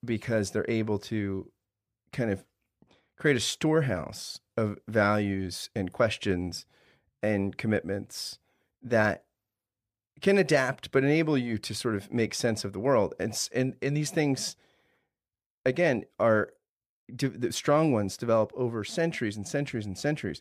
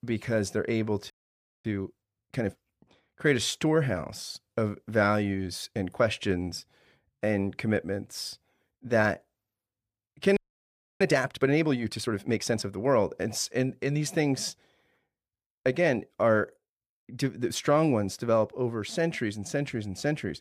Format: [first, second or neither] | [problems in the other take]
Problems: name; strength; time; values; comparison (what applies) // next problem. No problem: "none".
first | audio freezing; at 1 s for 0.5 s and at 10 s for 0.5 s